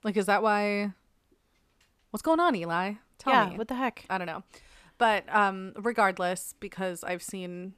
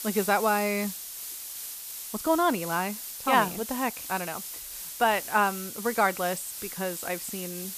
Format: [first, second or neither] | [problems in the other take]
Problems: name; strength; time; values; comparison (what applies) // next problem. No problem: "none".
first | hiss; loud; throughout; 8 dB below the speech